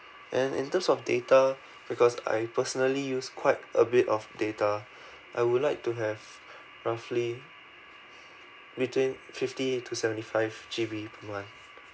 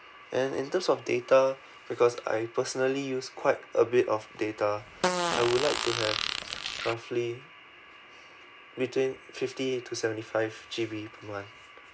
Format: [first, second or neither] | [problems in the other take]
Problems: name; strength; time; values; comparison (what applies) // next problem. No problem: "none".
first | background sound (Fart); 1 dB below the speech